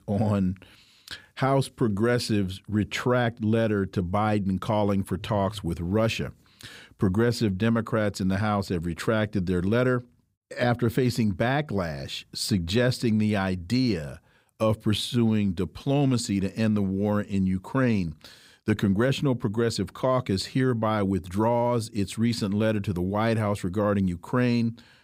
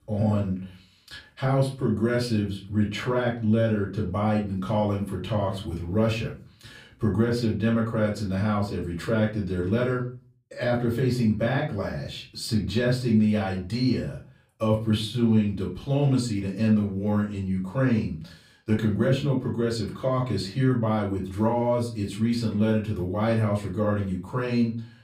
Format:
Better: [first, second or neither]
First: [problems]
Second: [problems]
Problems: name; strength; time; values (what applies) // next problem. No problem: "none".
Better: first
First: none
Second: off-mic speech; far // room echo; slight; dies away in 0.3 s